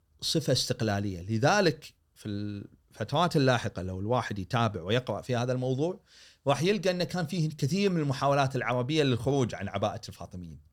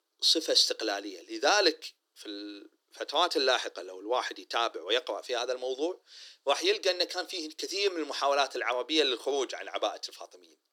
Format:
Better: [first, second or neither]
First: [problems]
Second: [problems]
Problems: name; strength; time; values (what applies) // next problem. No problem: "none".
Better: first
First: none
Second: thin; very; fading below 300 Hz